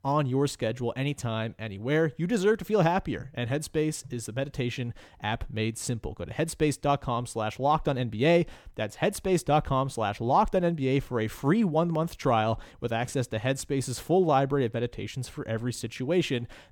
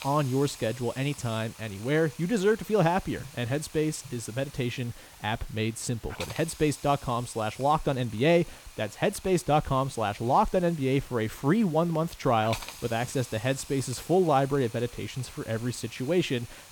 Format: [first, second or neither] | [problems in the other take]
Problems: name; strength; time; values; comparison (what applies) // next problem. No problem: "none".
first | hiss; noticeable; throughout; 15 dB below the speech